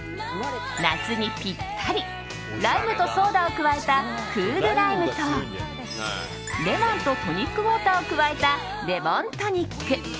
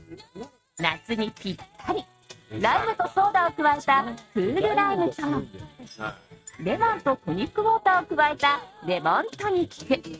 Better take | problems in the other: first | noise reduction (neural mask model RNNoise)

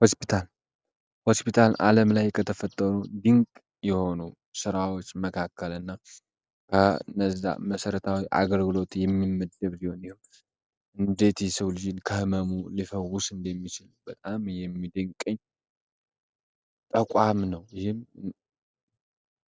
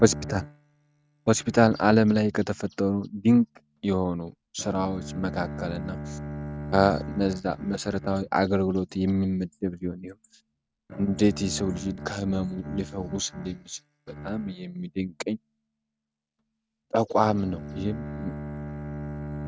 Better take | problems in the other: first | noise reduction (neural mask model RNNoise)

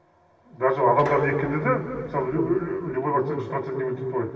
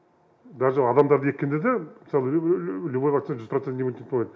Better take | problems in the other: second | background sound (Dishes, pots, and pans); 13 dB below the speech // room echo; dies away in 2.6 s

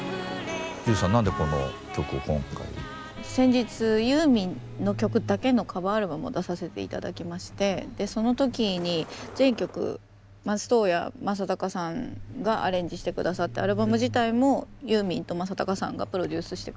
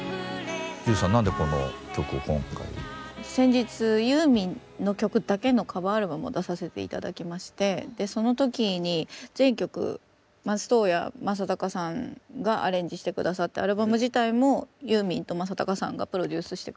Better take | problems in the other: second | background sound (Truck); 15 dB below the speech

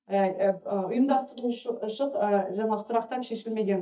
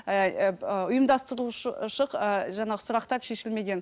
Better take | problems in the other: second | noise reduction (neural mask model DeepFilterNet 3)

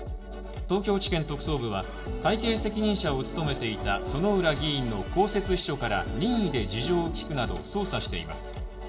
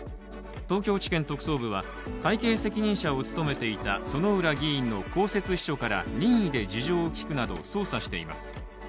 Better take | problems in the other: second | room echo; dies away in 2.8 s

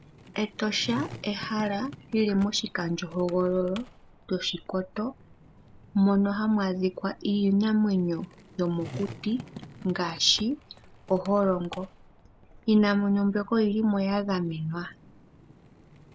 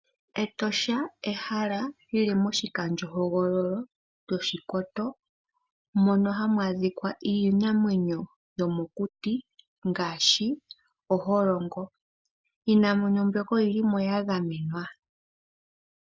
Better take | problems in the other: second | background sound (Skateboard); 19 dB below the speech

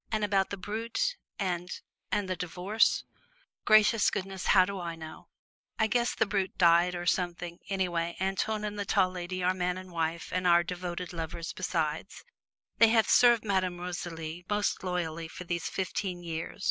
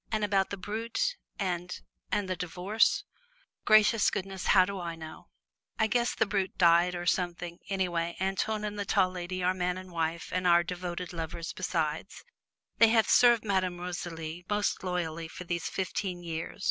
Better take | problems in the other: second | noise reduction (neural mask model Resemble Enhance denoiser)

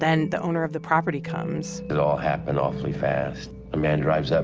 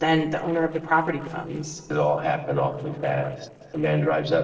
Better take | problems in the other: first | noise reduction (neural separator model SepFormer DNS4)

